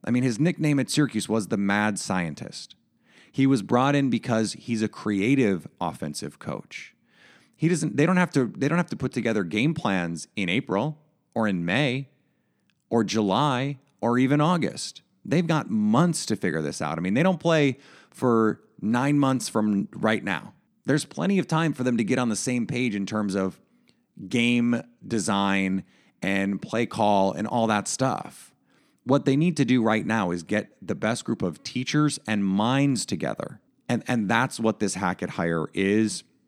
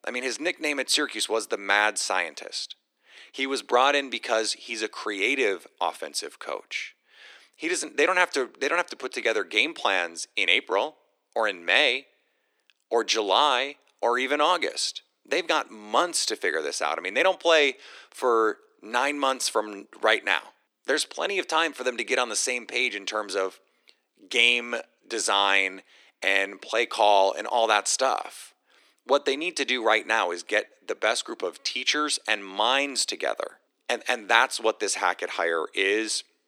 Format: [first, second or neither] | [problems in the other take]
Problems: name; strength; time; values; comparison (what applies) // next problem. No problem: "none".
first | thin; very; fading below 400 Hz